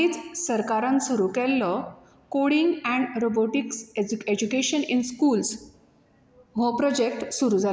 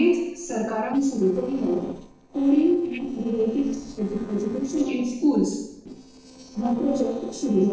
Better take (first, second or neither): first